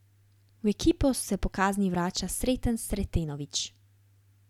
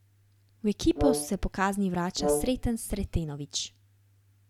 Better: first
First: none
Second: background sound (Brass instrument); 3 dB below the speech

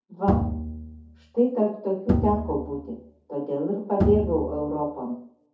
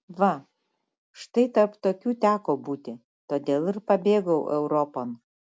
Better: second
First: background sound (Bowed string instrument); 2 dB below the speech // room echo; dies away in 0.5 s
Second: none

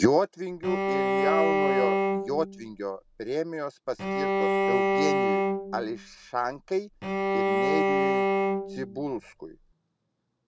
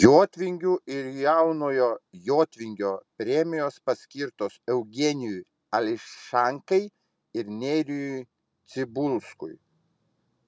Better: second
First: background sound (Bowed string instrument); 4 dB above the speech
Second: none

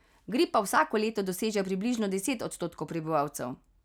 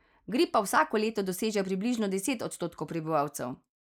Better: first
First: none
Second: noise reduction (neural mask model Resemble Enhance denoiser)

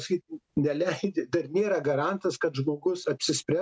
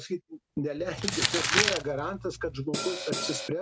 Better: first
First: none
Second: background sound (Cymbal + Crumpling, crinkling); 2 dB above the speech

